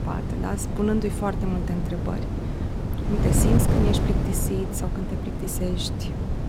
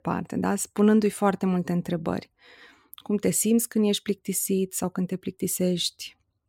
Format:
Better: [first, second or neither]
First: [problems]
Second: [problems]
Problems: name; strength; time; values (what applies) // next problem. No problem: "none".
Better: second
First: wind noise on the microphone; heavy; 2 dB below the speech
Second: none